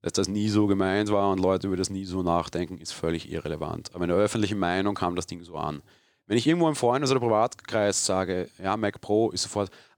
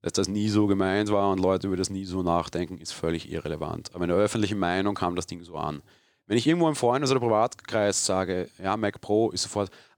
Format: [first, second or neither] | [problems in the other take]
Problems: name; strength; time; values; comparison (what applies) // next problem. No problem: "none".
neither | none